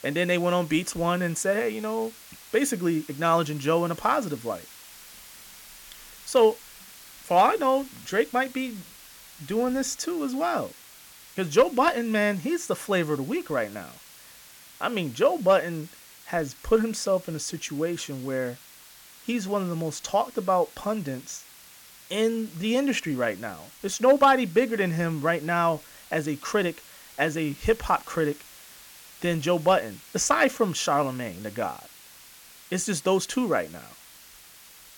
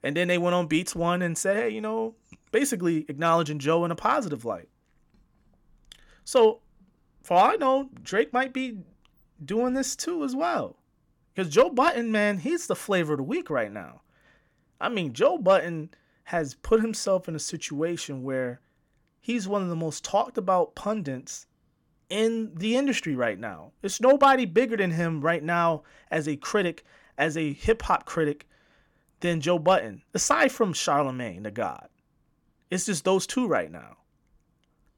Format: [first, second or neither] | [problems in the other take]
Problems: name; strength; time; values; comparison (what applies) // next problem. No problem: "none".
second | hiss; faint; throughout; 20 dB below the speech